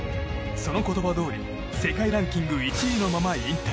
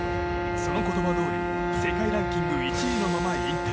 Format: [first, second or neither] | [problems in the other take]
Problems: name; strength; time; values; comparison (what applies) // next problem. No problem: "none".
first | background sound (Bowed string instrument); 1 dB above the speech